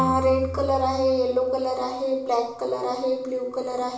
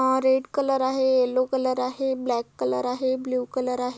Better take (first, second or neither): second